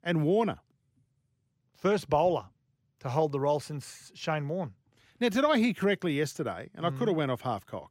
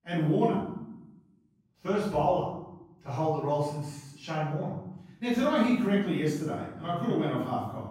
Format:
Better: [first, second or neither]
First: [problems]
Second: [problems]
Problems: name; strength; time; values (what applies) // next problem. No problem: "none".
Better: first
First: none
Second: off-mic speech; far // room echo; strong; dies away in 0.8 s